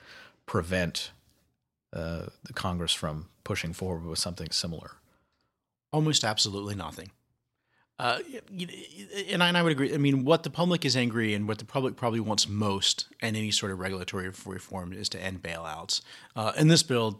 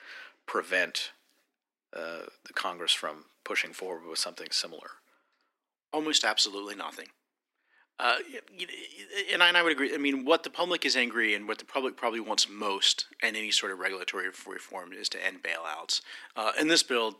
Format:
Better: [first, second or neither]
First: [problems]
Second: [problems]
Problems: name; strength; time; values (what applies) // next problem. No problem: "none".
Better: first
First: none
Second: thin; somewhat; fading below 250 Hz